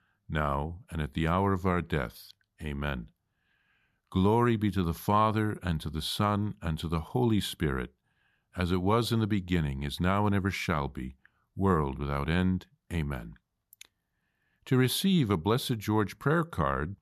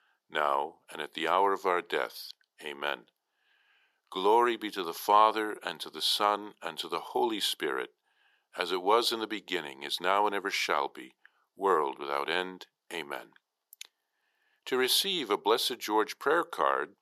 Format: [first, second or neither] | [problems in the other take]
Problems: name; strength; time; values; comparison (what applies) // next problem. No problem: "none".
first | thin; very; fading below 400 Hz